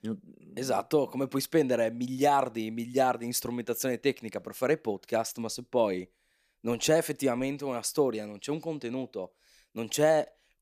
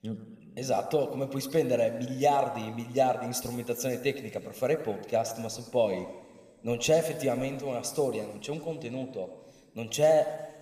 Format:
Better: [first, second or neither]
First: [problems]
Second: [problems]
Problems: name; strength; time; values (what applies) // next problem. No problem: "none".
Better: first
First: none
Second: room echo; slight; dies away in 2.1 s